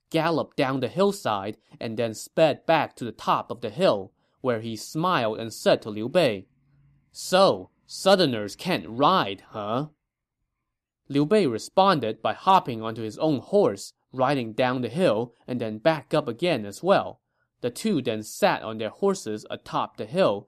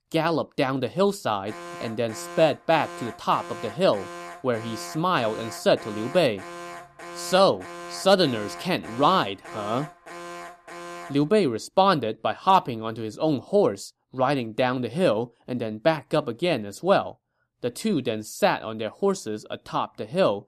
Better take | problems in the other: first | alarm; faint; from 1.5 to 11 s; peak 15 dB below the speech

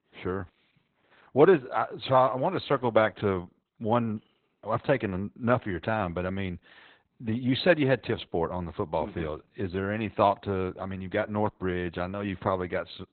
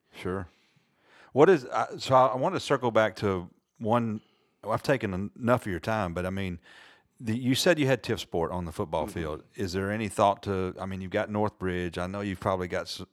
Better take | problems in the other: second | garbled, watery; badly; nothing above 4 kHz

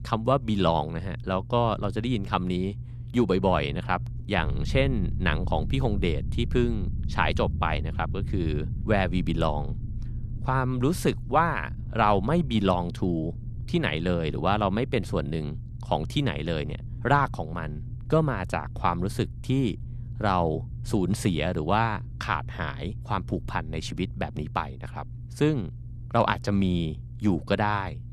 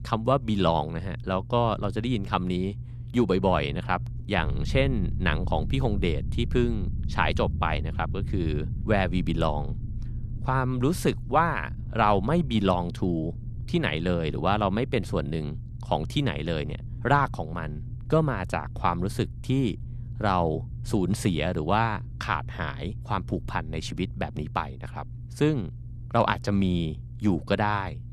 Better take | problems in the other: neither | low rumble; faint; throughout; 20 dB below the speech; the same in both

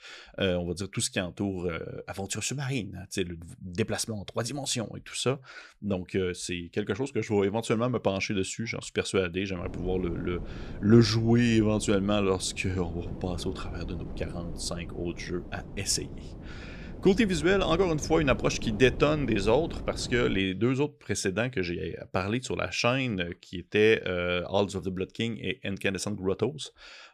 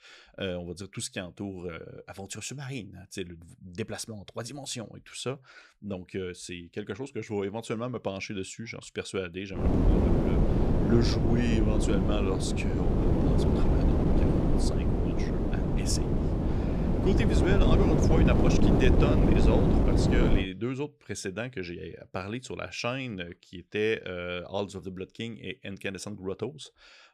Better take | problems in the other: first | wind noise on the microphone; heavy; from 9.5 to 20 s; 3 dB above the speech; occasional gusts in the first

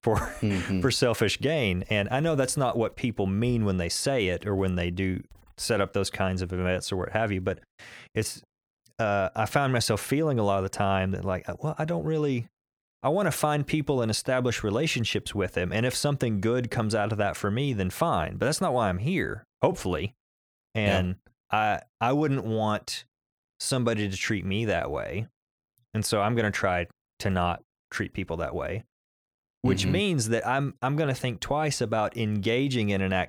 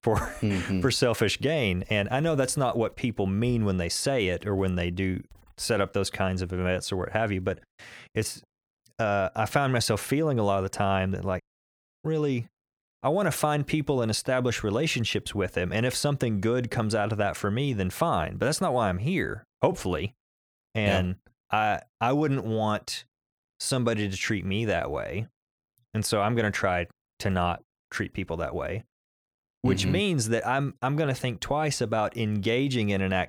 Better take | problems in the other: first | audio cutting out; at 11 s for 0.5 s

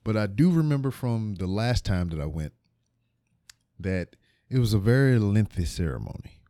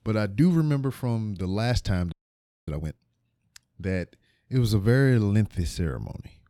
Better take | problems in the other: first | audio freezing; at 2 s for 0.5 s

